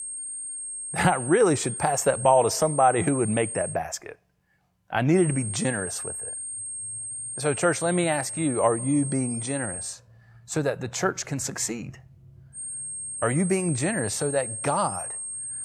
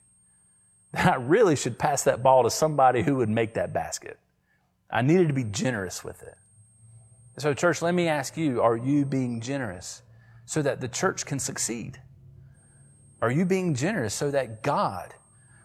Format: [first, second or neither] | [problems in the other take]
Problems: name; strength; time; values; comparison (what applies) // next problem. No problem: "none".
second | high-pitched whine; loud; until 3.5 s, from 5 to 10 s and from 13 s on; 8.5 kHz, 6 dB below the speech; faint in the second